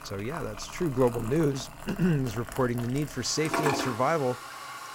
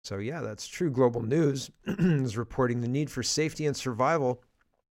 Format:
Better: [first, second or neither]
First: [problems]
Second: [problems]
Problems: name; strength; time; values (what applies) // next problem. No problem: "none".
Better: second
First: household noises; loud; throughout; 8 dB below the speech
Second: none